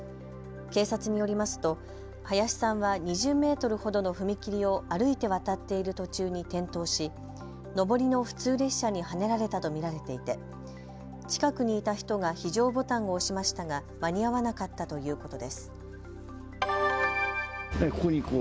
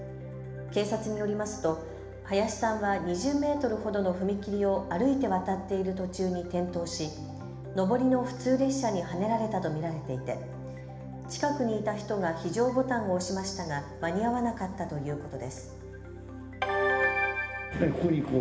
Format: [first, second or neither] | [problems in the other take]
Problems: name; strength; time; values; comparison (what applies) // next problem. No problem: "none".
first | room echo; dies away in 1.1 s